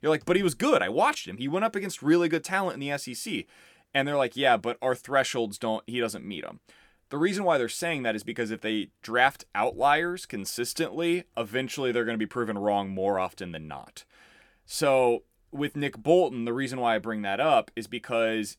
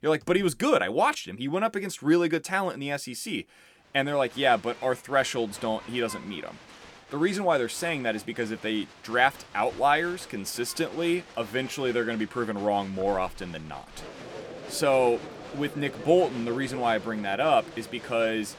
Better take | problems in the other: first | crowd noise; noticeable; from 4 s on; 15 dB below the speech

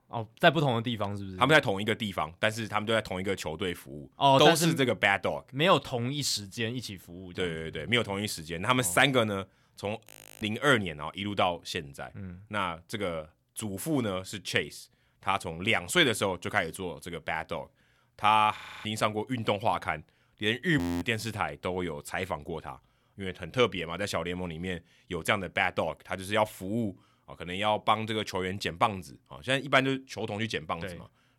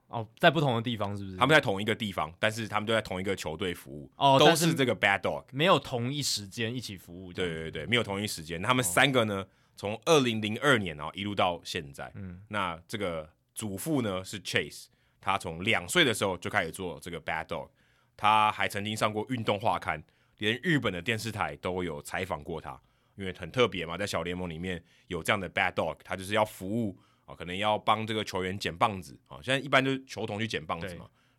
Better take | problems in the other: second | audio freezing; at 10 s, at 19 s and at 21 s

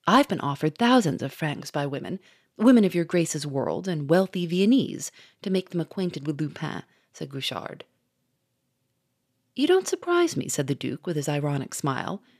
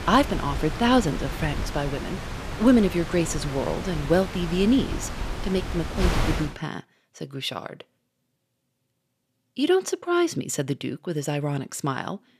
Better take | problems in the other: first | wind noise on the microphone; heavy; until 6.5 s; 7 dB below the speech

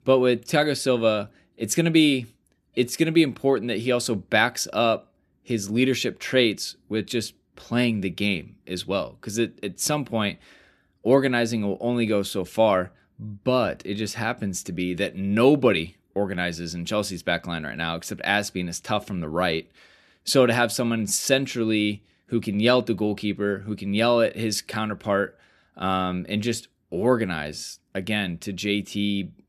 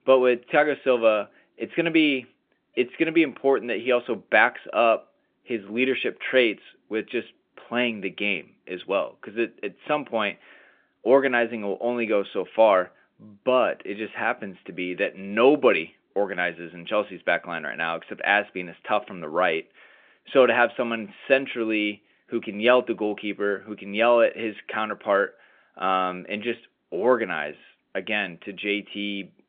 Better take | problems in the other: first | phone-call audio

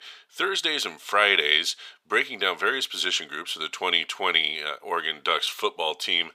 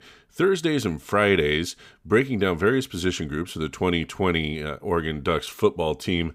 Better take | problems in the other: second | thin; very; fading below 750 Hz

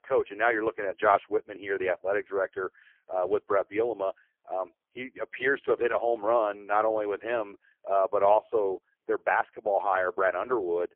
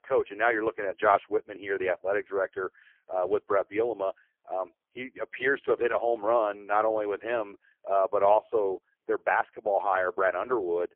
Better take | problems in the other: neither | phone-call audio; poor line; nothing above 3.5 kHz; the same in both

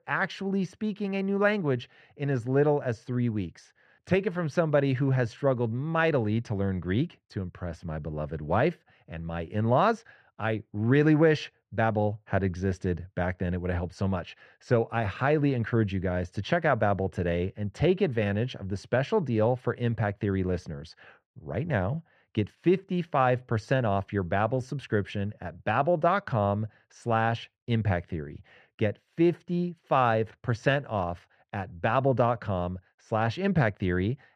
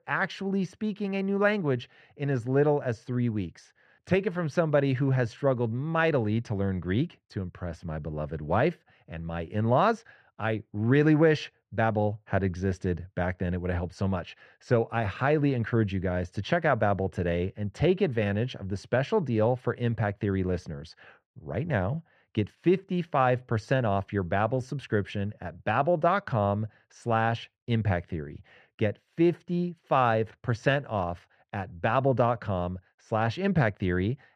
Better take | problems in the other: neither | muffled; very; fading above 2 kHz; the same in both

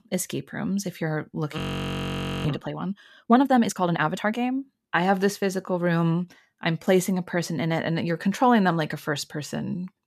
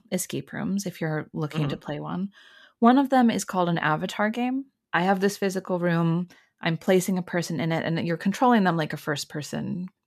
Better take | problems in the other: second | audio freezing; at 1.5 s for 1 s

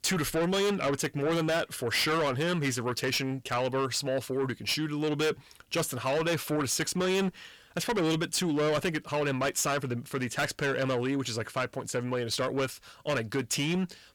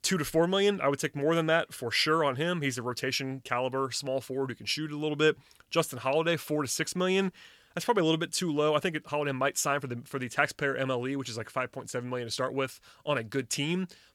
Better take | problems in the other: second | distortion; heavy; 7 dB below the speech

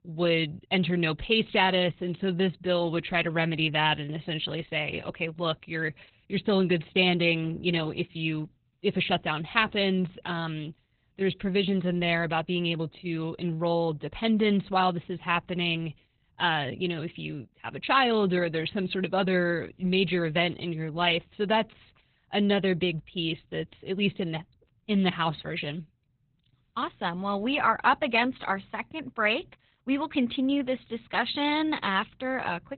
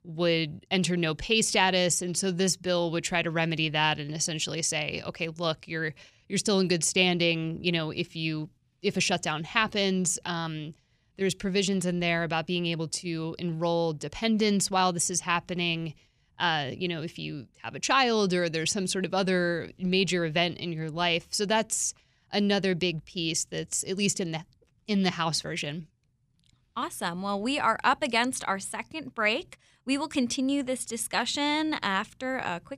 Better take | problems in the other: second | garbled, watery; badly; nothing above 4 kHz

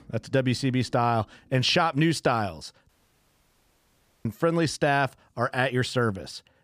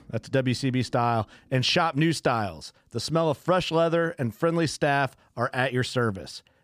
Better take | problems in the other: second | audio cutting out; at 3 s for 1.5 s

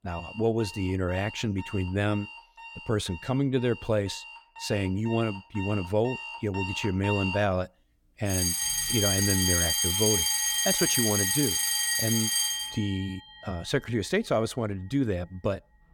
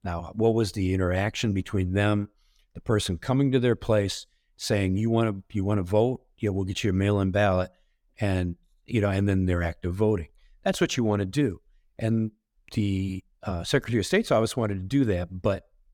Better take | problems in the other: second | alarms or sirens; very loud; throughout; 4 dB above the speech

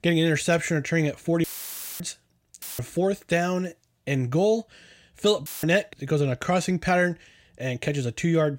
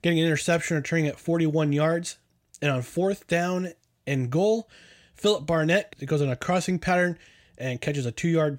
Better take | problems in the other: second | audio cutting out; filled with static; at 1.5 s for 0.5 s, at 2.5 s and at 5.5 s

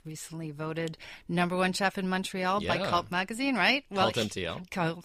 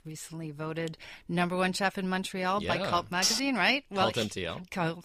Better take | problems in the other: first | clattering dishes; loud; at 3 s; peak 3 dB above the speech

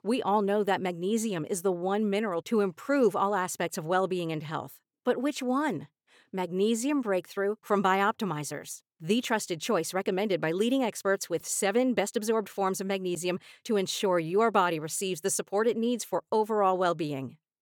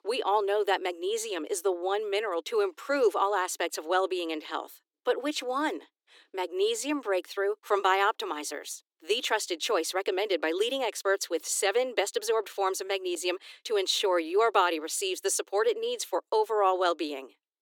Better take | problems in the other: first | thin; somewhat; fading below 300 Hz

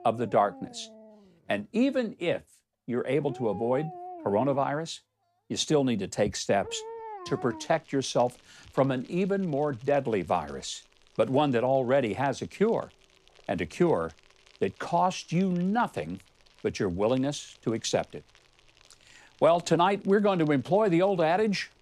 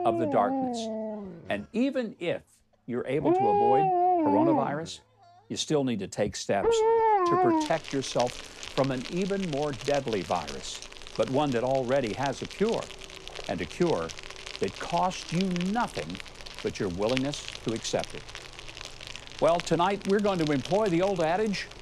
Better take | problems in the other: first | animal sounds; loud; throughout; 2 dB below the speech; faint in the first

